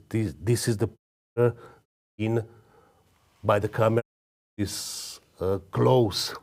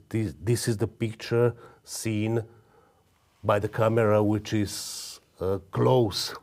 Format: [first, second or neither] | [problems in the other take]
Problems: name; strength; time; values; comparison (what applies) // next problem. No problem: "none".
second | audio cutting out; at 1 s, at 2 s and at 4 s for 0.5 s